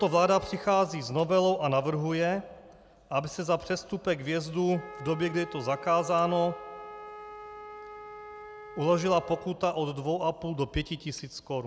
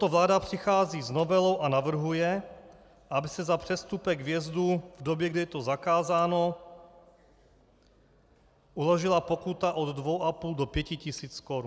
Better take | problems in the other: second | background sound (Wind instrument, woodwind instrument); 18 dB below the speech

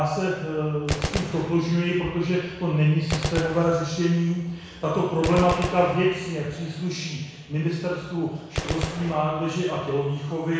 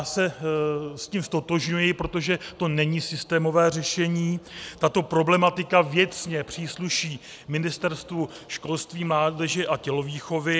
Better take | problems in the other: second | background sound (Gunshot, gunfire); 10 dB below the speech // room echo; dies away in 1.1 s

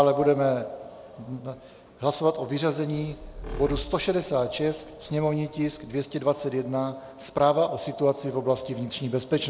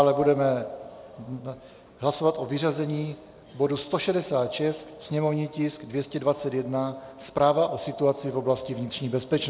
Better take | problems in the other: second | background sound (Squeak); 13 dB below the speech

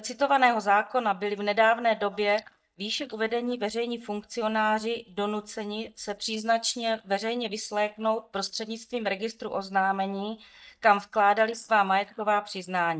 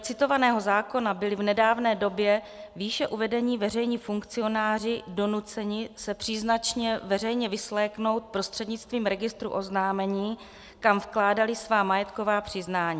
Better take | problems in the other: second | noise reduction (neural mask model DeepFilterNet 3)

